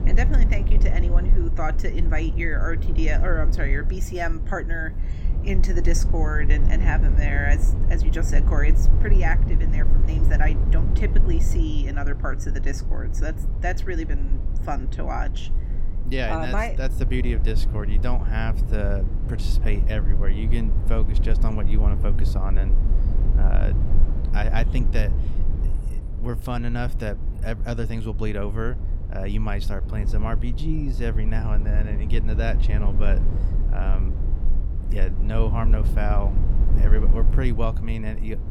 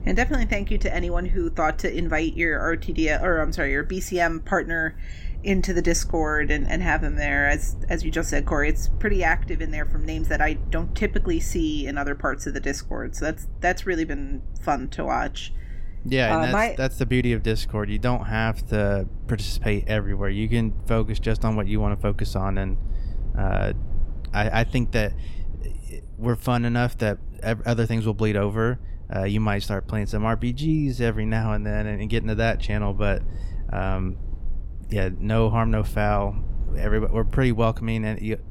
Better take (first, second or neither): second